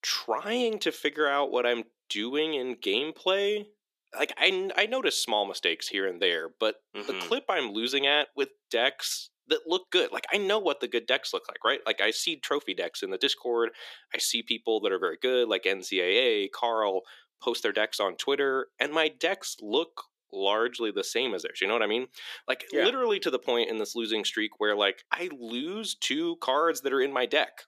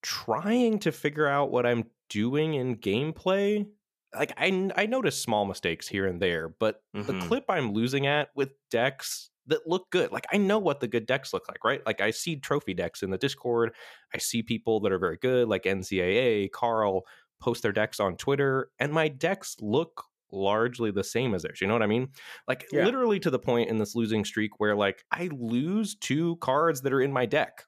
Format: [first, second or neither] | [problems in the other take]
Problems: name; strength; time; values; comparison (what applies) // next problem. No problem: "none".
second | thin; somewhat; fading below 300 Hz